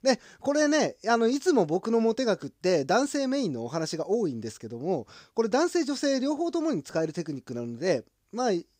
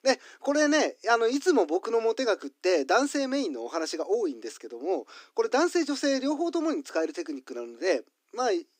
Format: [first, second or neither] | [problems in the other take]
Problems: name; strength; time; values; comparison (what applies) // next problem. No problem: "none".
first | thin; very slightly; fading below 250 Hz